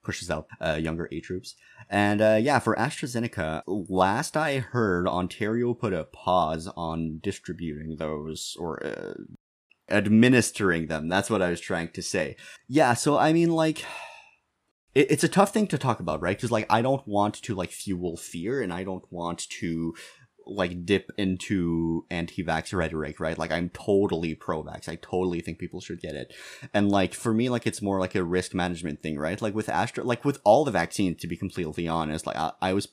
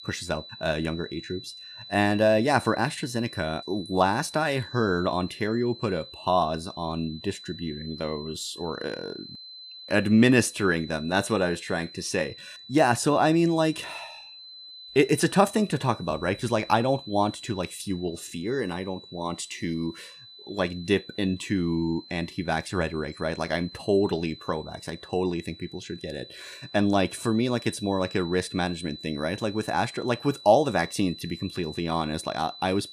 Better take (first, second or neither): first